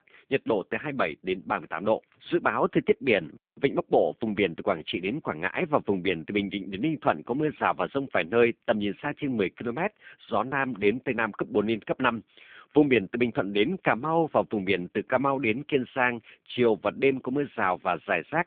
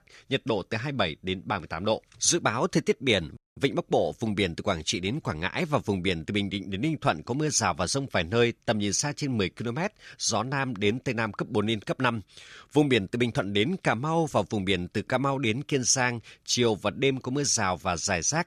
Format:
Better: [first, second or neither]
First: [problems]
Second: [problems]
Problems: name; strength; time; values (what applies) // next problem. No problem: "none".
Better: second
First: phone-call audio; poor line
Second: none